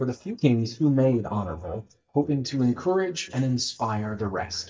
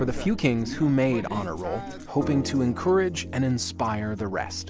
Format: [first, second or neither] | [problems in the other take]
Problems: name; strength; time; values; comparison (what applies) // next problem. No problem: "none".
second | noise reduction (neural mask model DeepFilterNet 3)